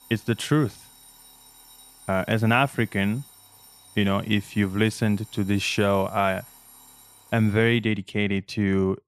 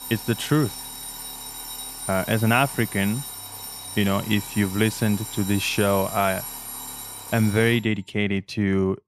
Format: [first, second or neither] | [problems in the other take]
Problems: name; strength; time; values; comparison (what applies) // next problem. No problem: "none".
first | alarms or sirens; loud; throughout; 10 dB below the speech; faint in the first